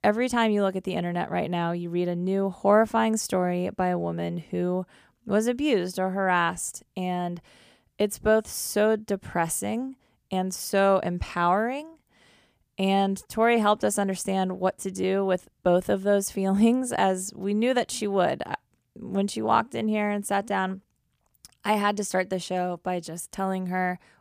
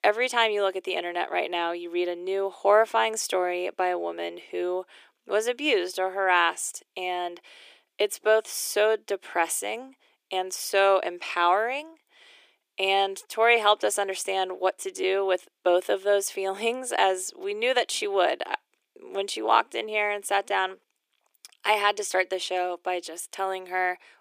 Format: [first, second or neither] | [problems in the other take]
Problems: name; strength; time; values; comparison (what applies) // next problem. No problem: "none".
first | thin; very; fading below 350 Hz